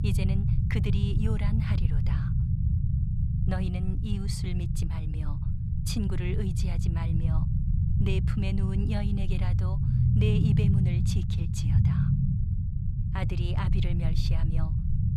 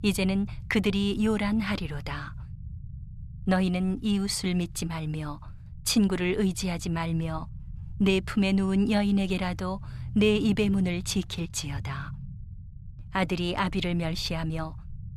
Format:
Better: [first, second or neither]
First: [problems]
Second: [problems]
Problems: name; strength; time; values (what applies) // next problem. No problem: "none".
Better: second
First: low rumble; loud; throughout; as loud as the speech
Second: low rumble; faint; throughout; 25 dB below the speech